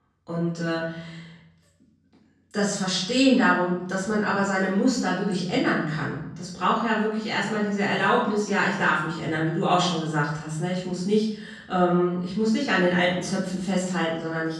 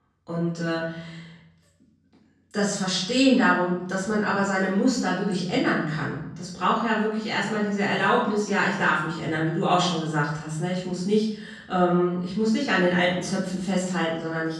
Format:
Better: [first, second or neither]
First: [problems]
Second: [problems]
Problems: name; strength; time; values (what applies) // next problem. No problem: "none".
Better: neither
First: room echo; noticeable; dies away in 0.7 s // off-mic speech; far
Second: room echo; noticeable; dies away in 0.7 s // off-mic speech; far